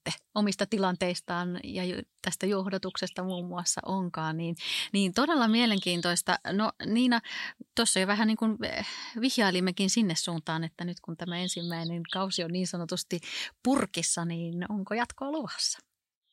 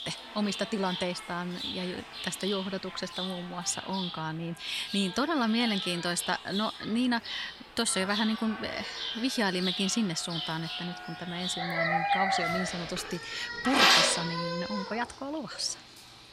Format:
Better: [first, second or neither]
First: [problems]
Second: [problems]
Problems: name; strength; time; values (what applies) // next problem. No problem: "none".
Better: first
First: none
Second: animal sounds; very loud; throughout; as loud as the speech